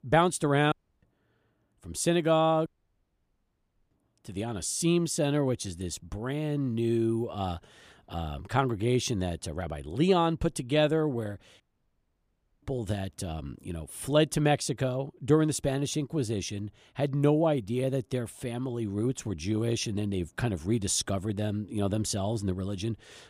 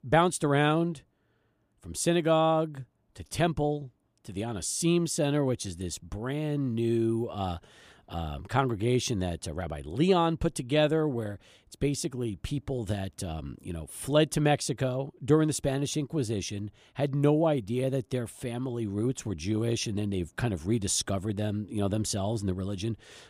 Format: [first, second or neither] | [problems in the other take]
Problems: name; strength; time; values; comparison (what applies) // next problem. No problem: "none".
second | audio cutting out; at 0.5 s, at 2.5 s for 1.5 s and at 12 s for 1 s